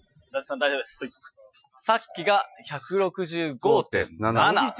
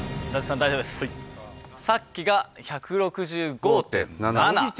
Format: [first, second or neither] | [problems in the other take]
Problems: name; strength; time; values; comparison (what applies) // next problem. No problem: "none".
second | noise reduction (classical method Wiener filter)